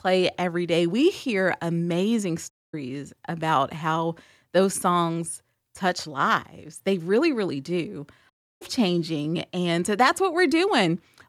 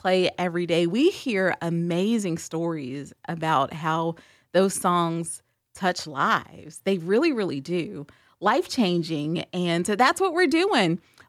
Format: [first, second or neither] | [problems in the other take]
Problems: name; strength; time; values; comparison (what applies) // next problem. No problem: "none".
second | audio cutting out; at 2.5 s and at 8.5 s